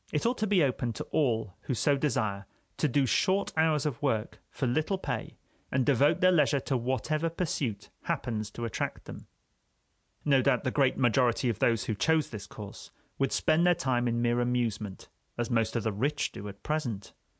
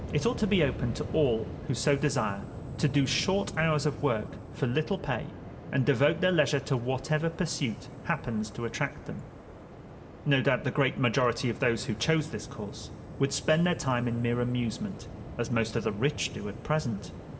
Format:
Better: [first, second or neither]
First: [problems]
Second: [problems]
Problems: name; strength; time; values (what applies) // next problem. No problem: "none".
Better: first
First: none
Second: background sound (Waves, surf); 12 dB below the speech // room echo; dies away in 1.2 s